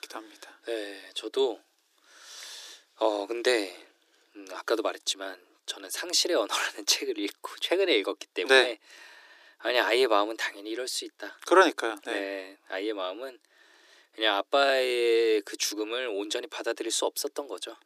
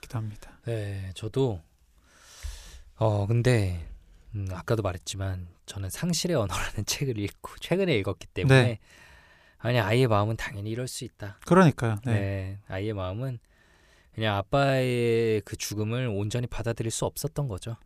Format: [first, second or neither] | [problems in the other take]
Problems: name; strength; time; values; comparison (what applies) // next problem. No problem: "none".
second | thin; very; fading below 300 Hz